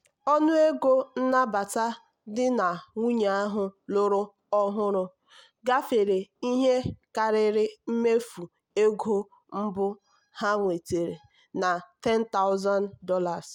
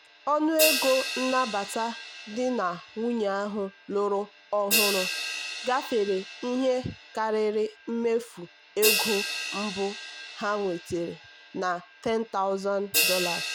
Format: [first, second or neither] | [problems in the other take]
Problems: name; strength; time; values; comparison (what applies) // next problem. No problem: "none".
first | background sound (Crash cymbal); 4 dB below the speech